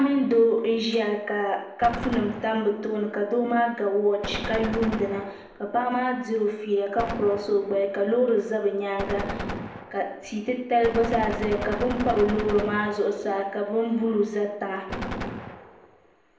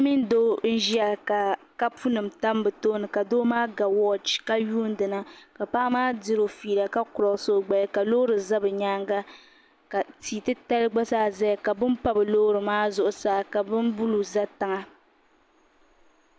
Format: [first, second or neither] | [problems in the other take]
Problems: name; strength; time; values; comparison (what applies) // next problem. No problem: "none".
second | background sound (Gunshot, gunfire); 11 dB below the speech // room echo; dies away in 0.7 s